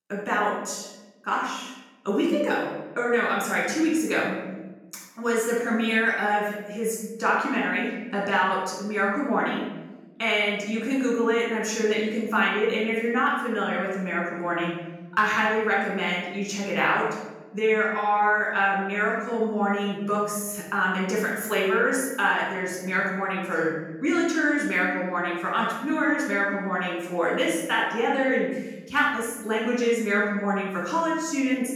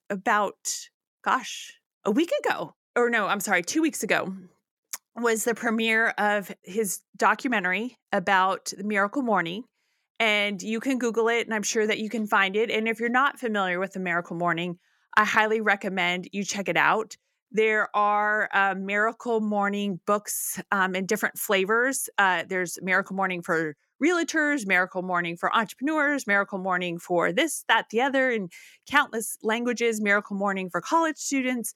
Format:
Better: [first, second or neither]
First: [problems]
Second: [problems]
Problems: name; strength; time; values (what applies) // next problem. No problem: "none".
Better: second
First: off-mic speech; far // room echo; noticeable; dies away in 1.1 s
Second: none